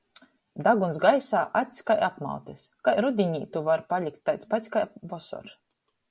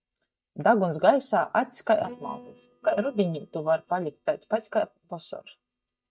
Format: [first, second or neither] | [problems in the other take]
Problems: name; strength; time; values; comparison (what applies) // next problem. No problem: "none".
first | noise reduction (neural mask model DeepFilterNet 3)